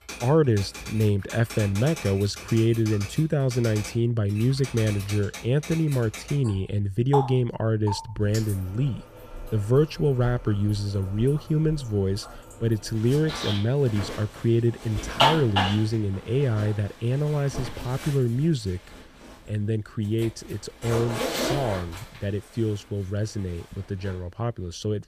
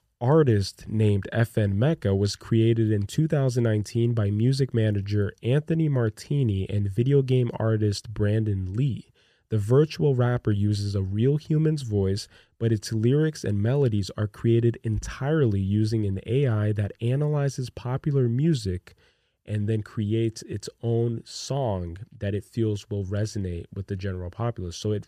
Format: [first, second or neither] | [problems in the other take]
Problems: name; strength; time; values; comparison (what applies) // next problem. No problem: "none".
second | household noises; loud; throughout; 7 dB below the speech